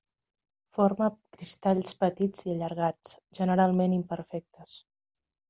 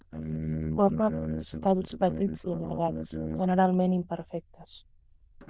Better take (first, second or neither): first